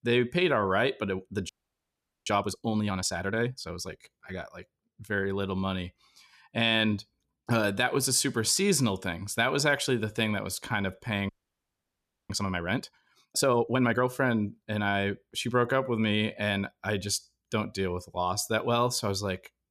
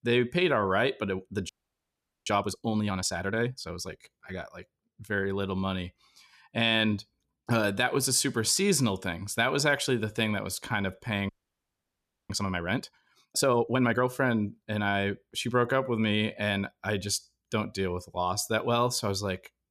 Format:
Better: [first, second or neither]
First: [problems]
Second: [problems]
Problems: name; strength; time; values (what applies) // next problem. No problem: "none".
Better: neither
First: audio freezing; at 1.5 s for 1 s and at 11 s for 1 s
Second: audio freezing; at 1.5 s for 1 s and at 11 s for 1 s